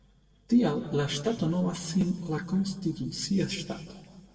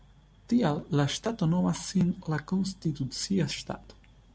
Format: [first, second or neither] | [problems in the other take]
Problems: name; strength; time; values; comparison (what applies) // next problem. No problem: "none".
second | noise reduction (neural separator model SepFormer DNS4)